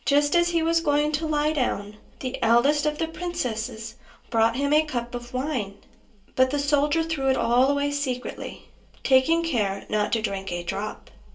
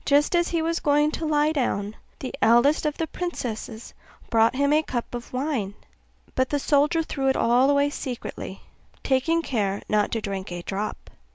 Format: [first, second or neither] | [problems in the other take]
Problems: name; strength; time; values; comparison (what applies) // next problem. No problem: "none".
second | background sound (Wind instrument, woodwind instrument); 18 dB below the speech // room echo; dies away in 0.2 s